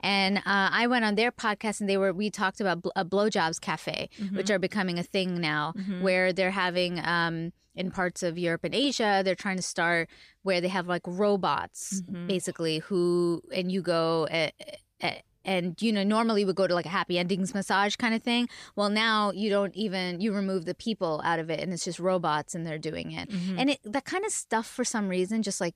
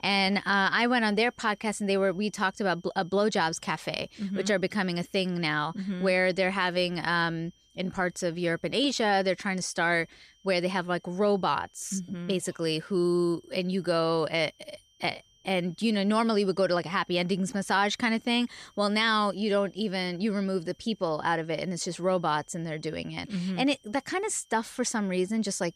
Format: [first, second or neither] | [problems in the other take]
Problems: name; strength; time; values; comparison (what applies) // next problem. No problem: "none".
first | high-pitched whine; faint; throughout; 3 kHz, 35 dB below the speech